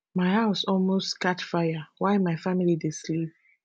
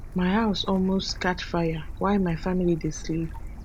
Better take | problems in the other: first | background sound (Stream / Bird); 10 dB below the speech

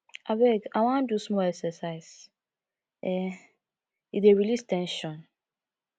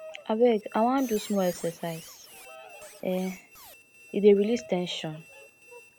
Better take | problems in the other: first | background sound (Squeak + Bird vocalization, bird call, bird song); 19 dB below the speech

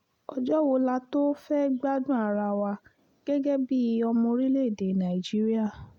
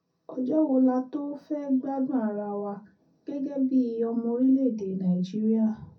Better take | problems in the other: first | room echo; dies away in 0.3 s

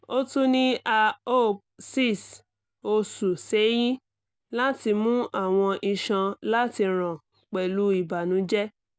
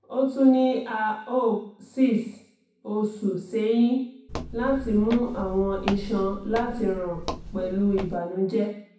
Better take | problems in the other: first | background sound (Walk, footsteps); 10 dB below the speech // room echo; dies away in 0.6 s

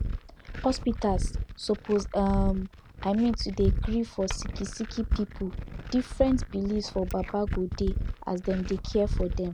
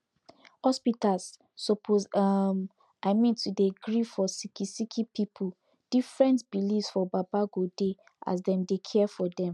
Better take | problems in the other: second | background sound (Glass); 3 dB below the speech

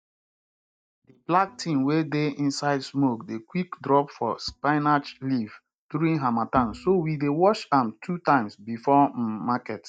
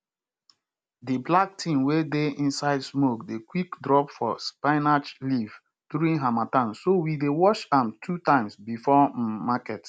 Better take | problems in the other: second | noise reduction (neural mask model DeepFilterNet 3)

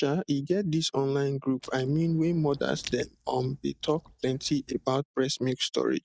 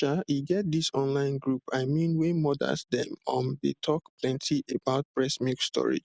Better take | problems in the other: second | noise reduction (neural mask model DeepFilterNet 3)

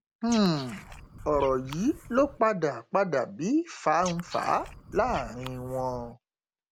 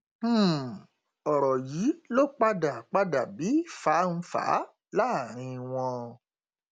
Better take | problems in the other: second | background sound (Frog); 15 dB below the speech

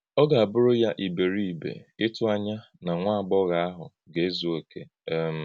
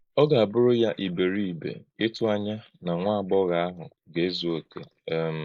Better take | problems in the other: first | noise reduction (neural mask model Resemble Enhance denoiser)

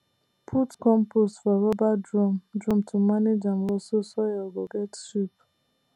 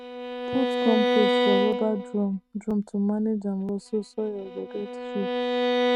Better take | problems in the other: first | noise reduction (neural mask model RNNoise)

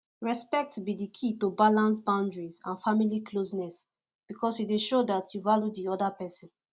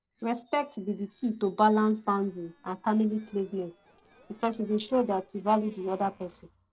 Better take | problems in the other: first | noise reduction (neural separator model SepFormer DNS4)

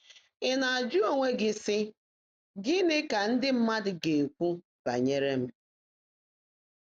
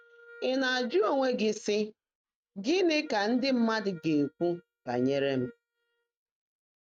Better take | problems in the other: first | noise reduction (neural mask model RNNoise)

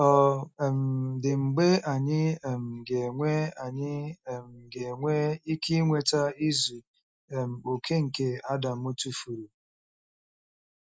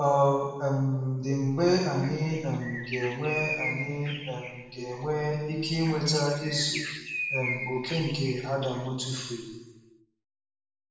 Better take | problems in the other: first | background sound (Bird); 8 dB below the speech // room echo; dies away in 1.1 s

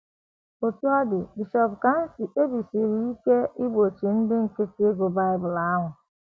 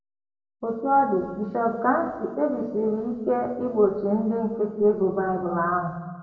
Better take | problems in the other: first | room echo; dies away in 1 s

